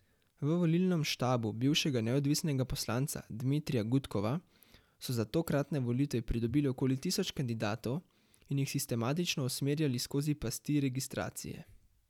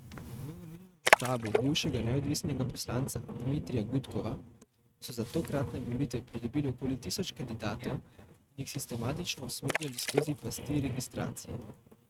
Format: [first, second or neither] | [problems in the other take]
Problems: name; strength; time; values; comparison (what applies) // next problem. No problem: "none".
first | noise reduction (neural mask model RNNoise)